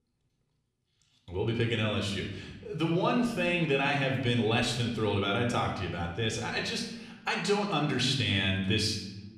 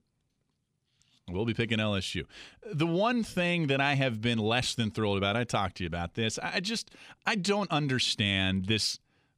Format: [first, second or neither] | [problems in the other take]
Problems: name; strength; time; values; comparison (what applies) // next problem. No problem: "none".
second | room echo; noticeable; dies away in 0.9 s